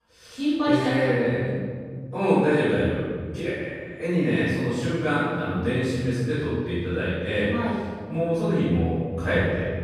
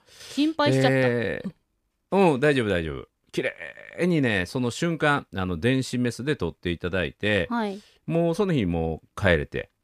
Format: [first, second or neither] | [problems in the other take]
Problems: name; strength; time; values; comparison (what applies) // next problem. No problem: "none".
second | off-mic speech; far // room echo; strong; dies away in 2 s